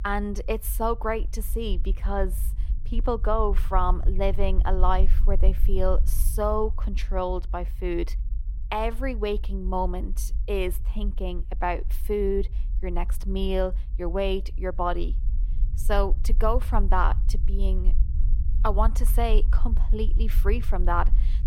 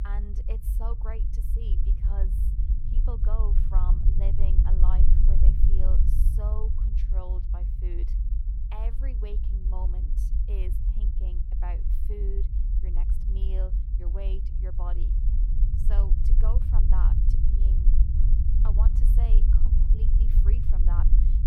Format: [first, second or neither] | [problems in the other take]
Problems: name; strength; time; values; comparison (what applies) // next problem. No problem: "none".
first | low rumble; loud; throughout; 2 dB below the speech; faint in the first